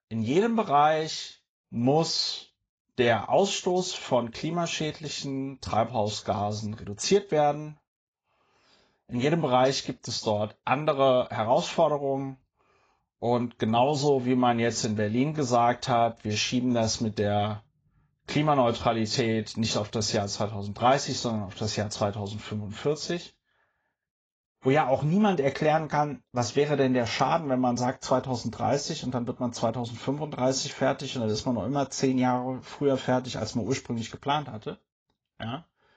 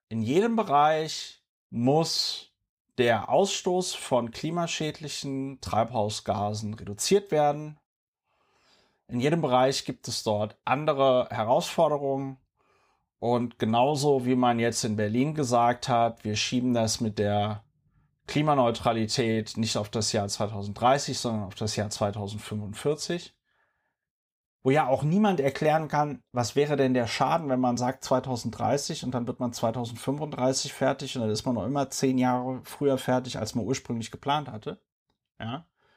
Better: second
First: garbled, watery; badly; nothing above 7.5 kHz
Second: none

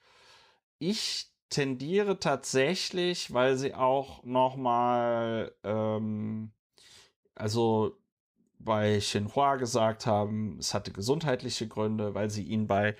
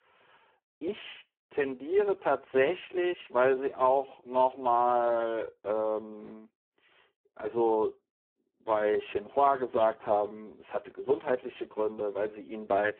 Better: first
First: none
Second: phone-call audio; poor line

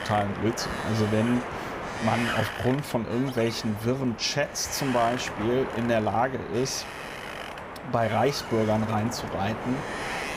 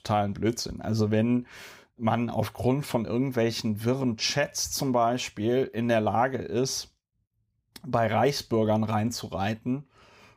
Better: second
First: wind noise on the microphone; heavy; 5 dB below the speech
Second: none

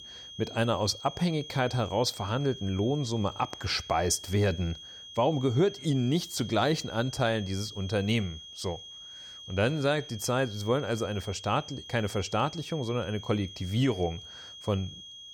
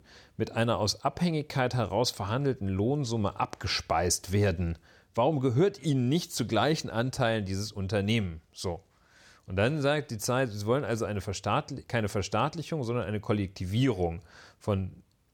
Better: second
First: high-pitched whine; noticeable; throughout; 3.5 kHz, 15 dB below the speech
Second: none

